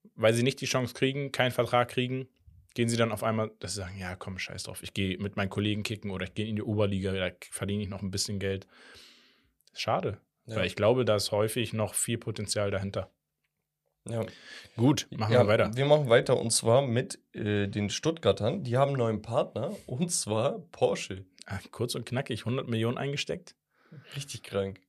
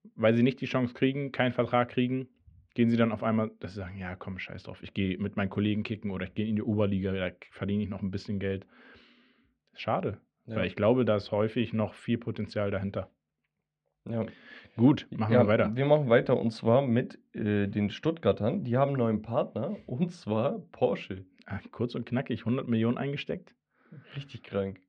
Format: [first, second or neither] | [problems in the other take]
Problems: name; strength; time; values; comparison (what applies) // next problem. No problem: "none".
first | muffled; very; fading above 3 kHz